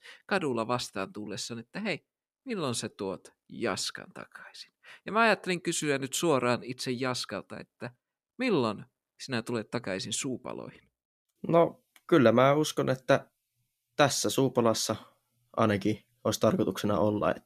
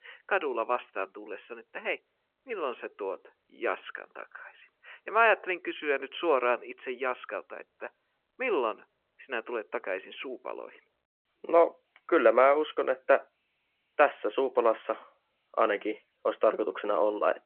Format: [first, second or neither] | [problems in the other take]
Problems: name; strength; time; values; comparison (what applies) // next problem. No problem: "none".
first | phone-call audio